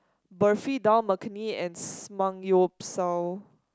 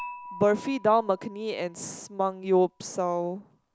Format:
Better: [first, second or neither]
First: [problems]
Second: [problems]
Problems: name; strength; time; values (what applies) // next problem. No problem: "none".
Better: first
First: none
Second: background sound (Dishes, pots, and pans / Chink, clink); 19 dB below the speech